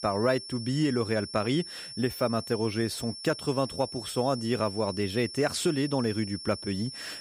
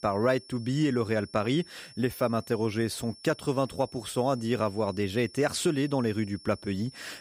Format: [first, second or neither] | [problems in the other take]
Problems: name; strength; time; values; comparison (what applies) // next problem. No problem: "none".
second | high-pitched whine; loud; throughout; 5.5 kHz, 10 dB below the speech; faint in the second